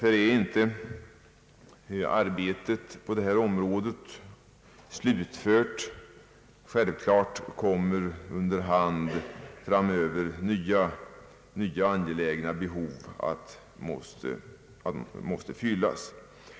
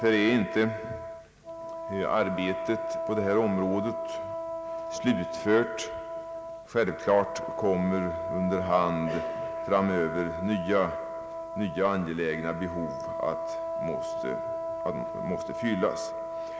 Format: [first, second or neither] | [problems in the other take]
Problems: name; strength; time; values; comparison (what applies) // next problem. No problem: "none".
first | background sound (Wind instrument, woodwind instrument); 5 dB below the speech